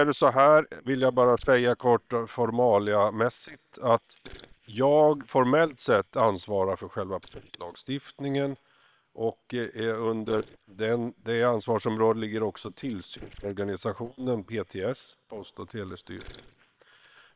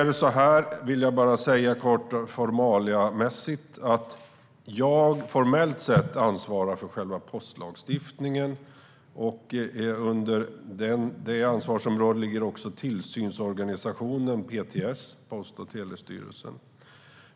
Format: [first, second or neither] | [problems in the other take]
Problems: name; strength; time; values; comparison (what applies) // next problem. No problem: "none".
second | noise reduction (neural separator model SepFormer WHAM!)